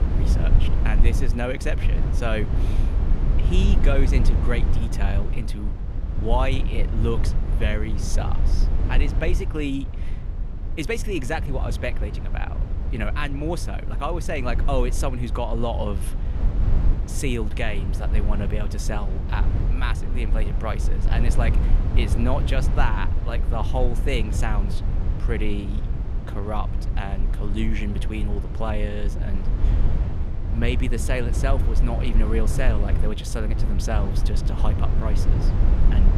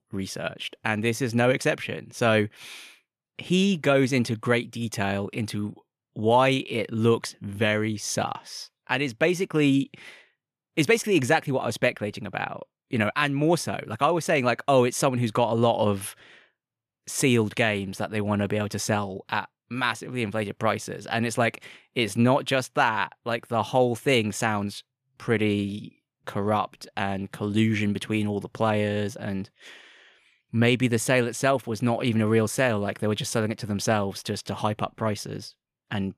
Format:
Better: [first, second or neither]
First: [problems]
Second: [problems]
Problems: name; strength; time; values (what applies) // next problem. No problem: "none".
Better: second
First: low rumble; loud; throughout; 8 dB below the speech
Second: none